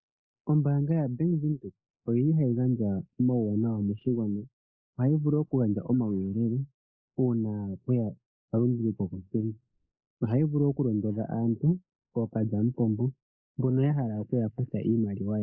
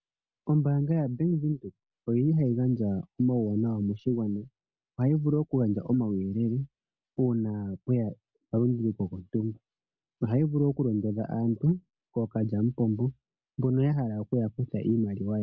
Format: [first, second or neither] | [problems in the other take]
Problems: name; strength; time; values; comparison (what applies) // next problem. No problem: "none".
second | noise reduction (neural mask model Resemble Enhance denoiser)